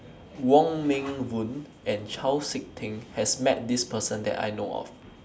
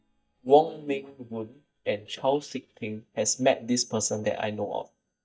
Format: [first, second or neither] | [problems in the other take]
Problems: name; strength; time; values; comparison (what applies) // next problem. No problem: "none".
first | noise reduction (neural mask model DeepFilterNet 3)